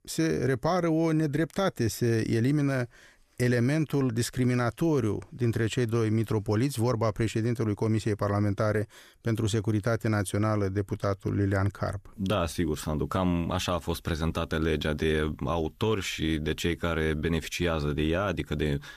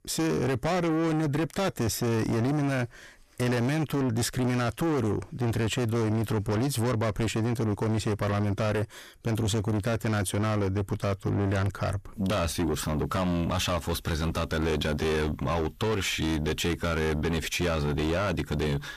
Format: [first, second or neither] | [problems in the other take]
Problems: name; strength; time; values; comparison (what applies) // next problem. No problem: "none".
first | distortion; heavy; 8 dB below the speech